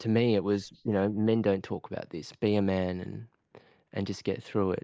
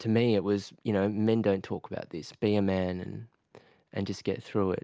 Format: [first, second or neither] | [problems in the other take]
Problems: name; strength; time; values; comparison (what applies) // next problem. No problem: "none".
second | noise reduction (neural mask model Resemble Enhance denoiser)